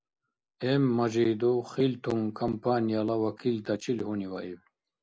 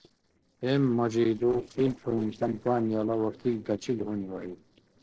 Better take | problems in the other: first | noise reduction (neural separator model SepFormer DNS4)

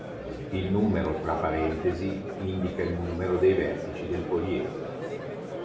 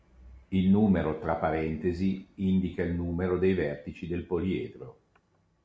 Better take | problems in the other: second | background sound (Crowd); 7 dB below the speech // room echo; dies away in 0.6 s

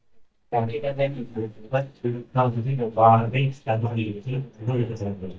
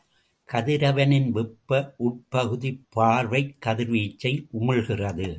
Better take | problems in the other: second | noise reduction (neural mask model DeepFilterNet 3)

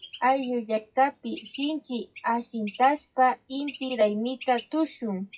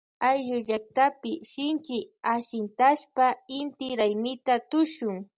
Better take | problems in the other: second | noise reduction (classical method WPE with log-MMSE)

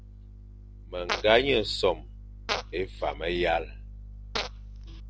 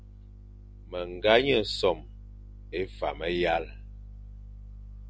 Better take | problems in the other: second | noise reduction (neural separator model SepFormer DNS4)

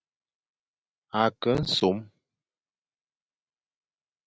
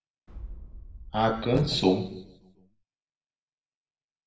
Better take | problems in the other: first | background sound (Boom); 14 dB below the speech // room echo; dies away in 0.8 s

